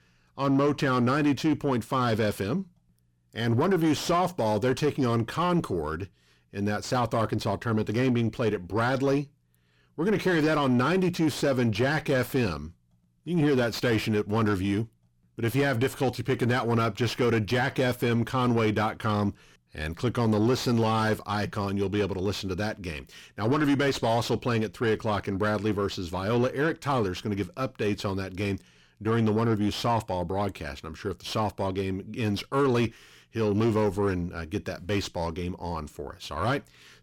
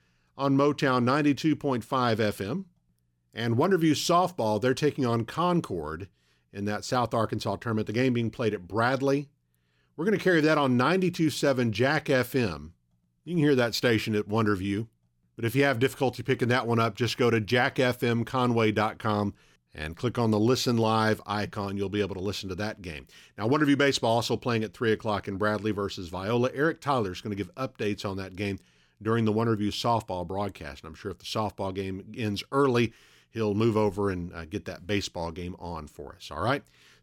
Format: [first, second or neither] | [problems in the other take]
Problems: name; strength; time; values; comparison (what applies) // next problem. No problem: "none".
second | distortion; slight; 10 dB below the speech